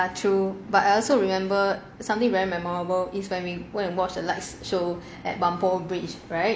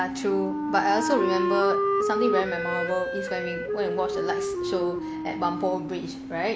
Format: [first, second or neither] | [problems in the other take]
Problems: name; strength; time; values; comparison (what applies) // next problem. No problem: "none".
first | background sound (Wind instrument, woodwind instrument); as loud as the speech